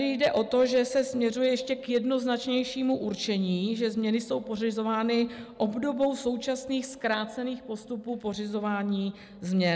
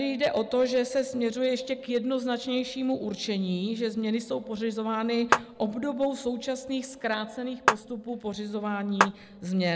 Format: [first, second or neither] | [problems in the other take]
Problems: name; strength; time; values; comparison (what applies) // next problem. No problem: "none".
first | background sound (Clapping); 2 dB above the speech